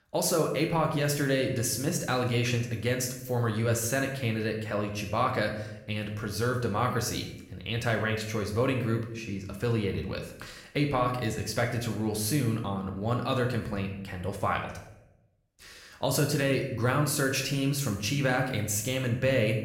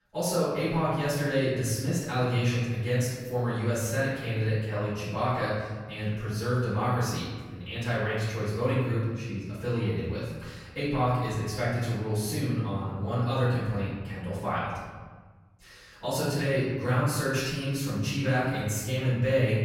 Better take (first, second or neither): first